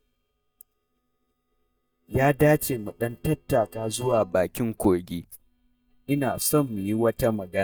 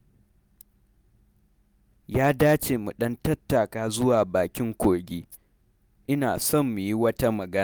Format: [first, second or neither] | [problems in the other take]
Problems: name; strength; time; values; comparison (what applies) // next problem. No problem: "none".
second | noise reduction (neural mask model DeepFilterNet 3)